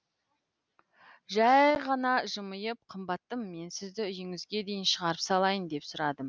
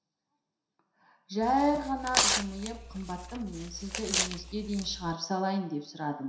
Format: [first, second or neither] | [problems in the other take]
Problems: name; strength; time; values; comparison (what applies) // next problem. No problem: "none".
first | background sound (Tearing); 1 dB below the speech // room echo; dies away in 0.7 s